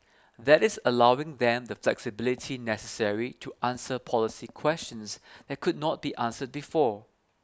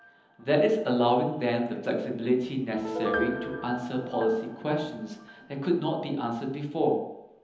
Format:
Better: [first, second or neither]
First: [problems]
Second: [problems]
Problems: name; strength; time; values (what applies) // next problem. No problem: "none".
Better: first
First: none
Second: background sound (Piano); 12 dB below the speech // room echo; dies away in 0.9 s